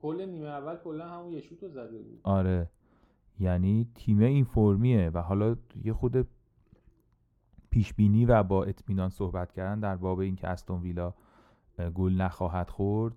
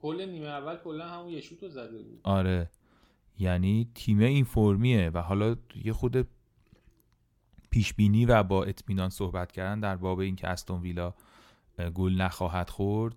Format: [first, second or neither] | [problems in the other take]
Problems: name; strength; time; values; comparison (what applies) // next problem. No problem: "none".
second | muffled; slightly; fading above 1.5 kHz